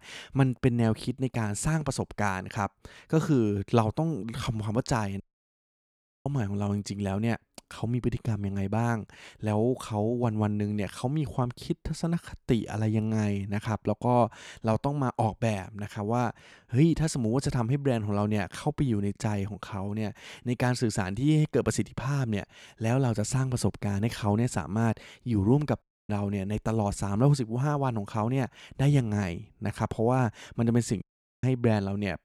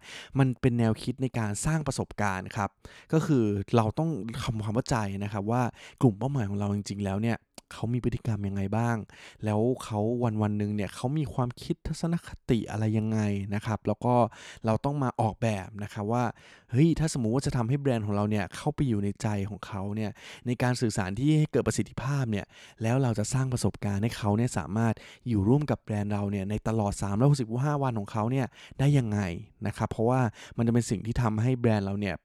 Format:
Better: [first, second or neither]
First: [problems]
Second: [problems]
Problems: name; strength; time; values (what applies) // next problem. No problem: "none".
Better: second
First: audio cutting out; at 5 s for 1 s, at 26 s and at 31 s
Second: none